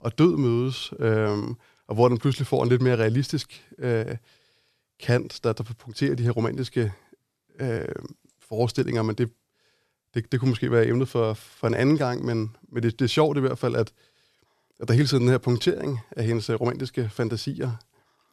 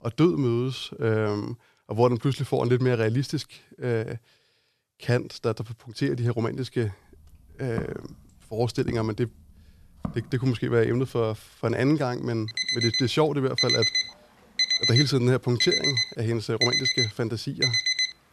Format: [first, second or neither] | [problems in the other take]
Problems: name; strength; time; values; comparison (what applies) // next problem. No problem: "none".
first | footsteps; faint; from 8 to 11 s; peak 10 dB below the speech // alarm; loud; from 12 s on; peak 5 dB above the speech